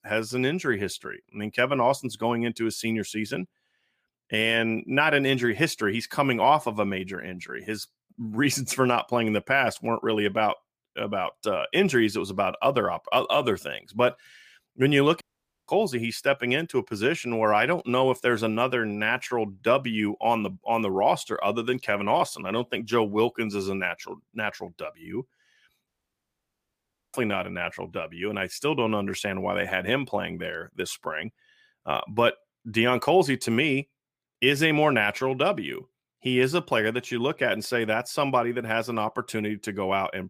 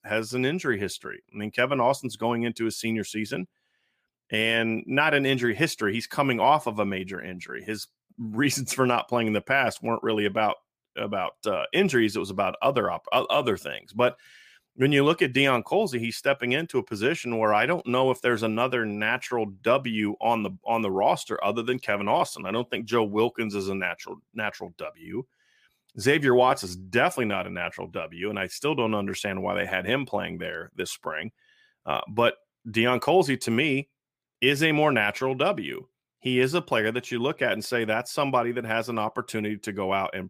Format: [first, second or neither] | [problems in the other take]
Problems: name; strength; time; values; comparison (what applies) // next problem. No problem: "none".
second | audio cutting out; at 15 s and at 26 s for 1.5 s